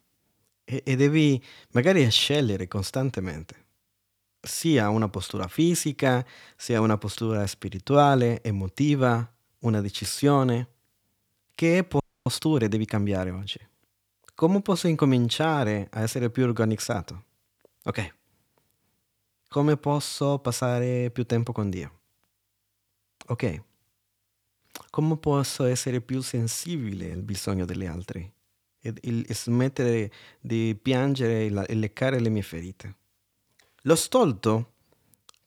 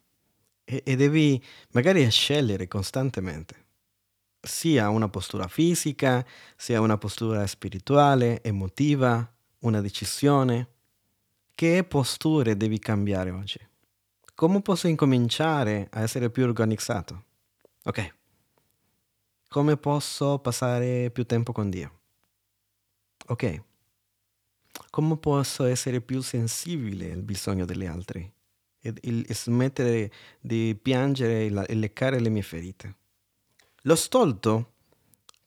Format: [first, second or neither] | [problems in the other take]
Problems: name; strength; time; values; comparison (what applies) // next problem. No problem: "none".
second | audio freezing; at 12 s